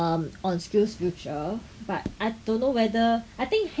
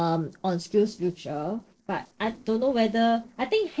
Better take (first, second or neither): first